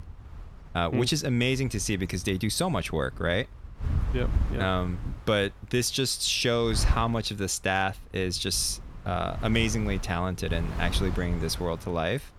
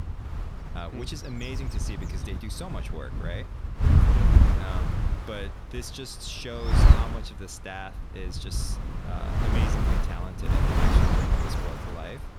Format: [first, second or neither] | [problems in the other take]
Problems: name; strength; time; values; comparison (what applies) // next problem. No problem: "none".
first | wind noise on the microphone; heavy; 4 dB above the speech; occasional gusts in the first